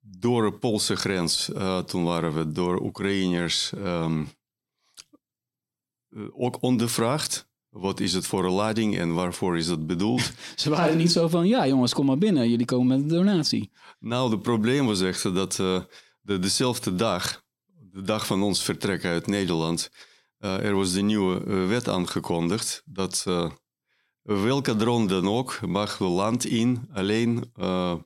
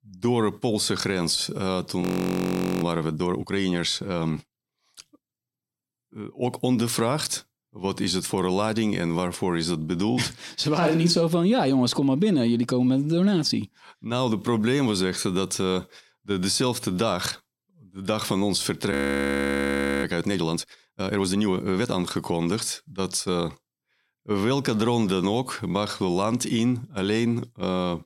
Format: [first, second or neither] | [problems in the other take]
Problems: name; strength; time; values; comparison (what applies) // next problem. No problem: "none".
first | audio freezing; at 2 s for 1 s and at 19 s for 1 s